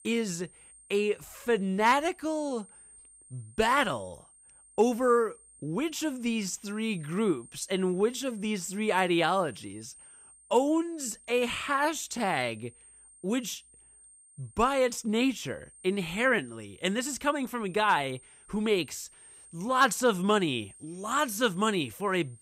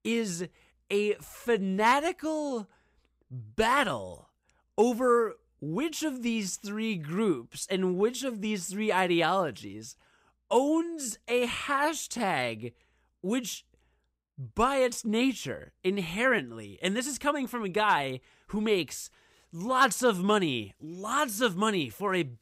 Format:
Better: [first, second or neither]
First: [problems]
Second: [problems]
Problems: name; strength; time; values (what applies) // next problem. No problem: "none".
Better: second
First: high-pitched whine; faint; throughout; 8.5 kHz, 25 dB below the speech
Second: none